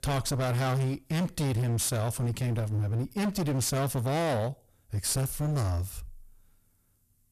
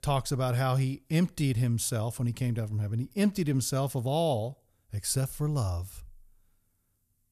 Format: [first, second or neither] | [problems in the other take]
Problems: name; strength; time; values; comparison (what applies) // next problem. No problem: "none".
second | distortion; heavy; 28% of the sound clipped